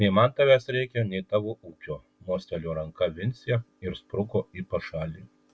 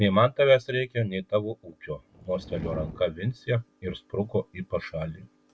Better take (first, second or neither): first